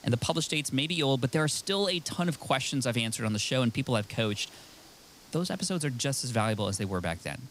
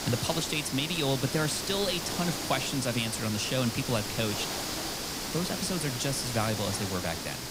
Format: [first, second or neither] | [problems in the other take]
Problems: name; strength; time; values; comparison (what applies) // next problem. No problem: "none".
first | hiss; loud; throughout; 2 dB below the speech; faint in the first